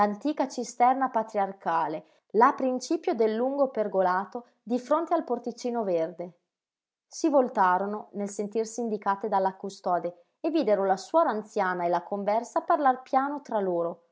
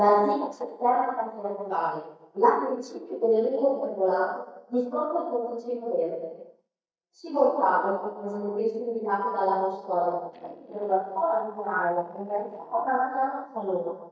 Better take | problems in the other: first | noise reduction (neural mask model DeepFilterNet 3)

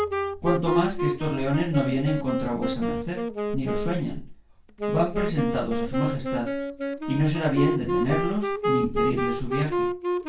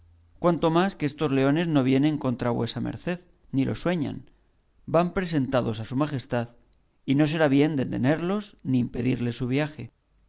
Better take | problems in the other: second | background sound (Wind instrument, woodwind instrument); 1 dB below the speech // room echo; dies away in 0.2 s

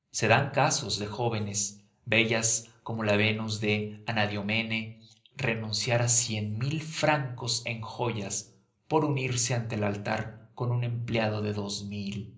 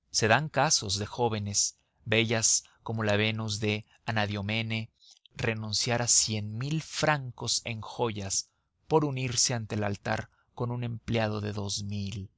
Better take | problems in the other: second | room echo; dies away in 0.5 s

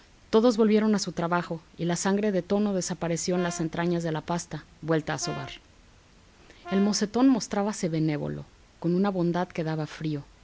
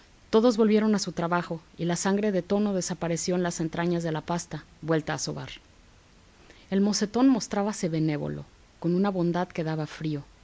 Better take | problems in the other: second | background sound (Brass instrument); 17 dB below the speech

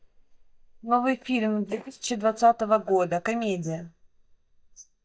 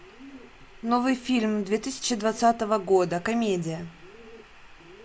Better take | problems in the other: second | noise reduction (neural mask model DeepFilterNet 3)

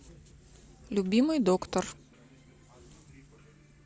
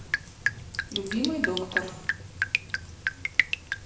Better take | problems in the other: first | background sound (Drip); 5 dB above the speech // room echo; dies away in 0.7 s

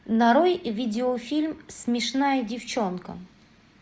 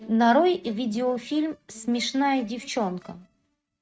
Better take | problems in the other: first | noise reduction (neural mask model RNNoise)

